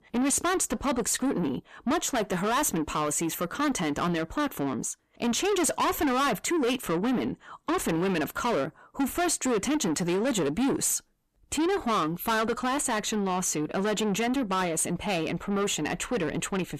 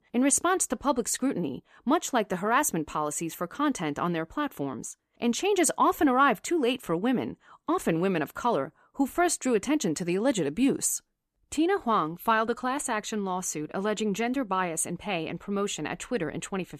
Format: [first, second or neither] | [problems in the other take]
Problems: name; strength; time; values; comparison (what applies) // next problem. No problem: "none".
second | distortion; heavy; 7 dB below the speech